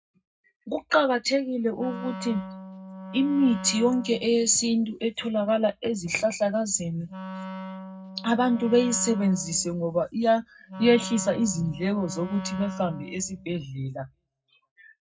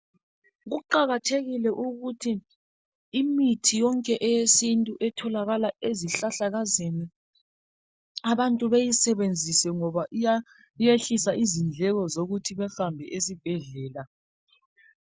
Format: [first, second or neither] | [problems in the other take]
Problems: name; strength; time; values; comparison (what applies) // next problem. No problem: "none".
second | background sound (Wind instrument, woodwind instrument); 12 dB below the speech // room echo; dies away in 0.3 s